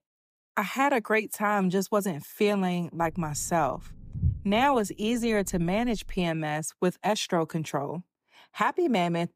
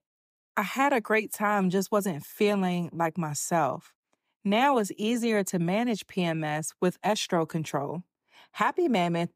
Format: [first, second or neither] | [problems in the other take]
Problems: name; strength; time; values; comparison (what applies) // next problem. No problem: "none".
second | low rumble; faint; from 3 to 6 s; 25 dB below the speech